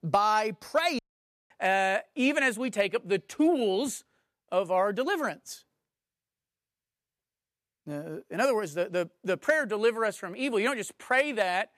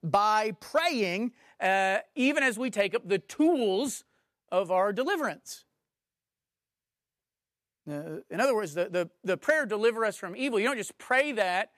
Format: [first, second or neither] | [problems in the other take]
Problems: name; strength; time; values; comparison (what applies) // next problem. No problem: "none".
second | audio cutting out; at 1 s for 0.5 s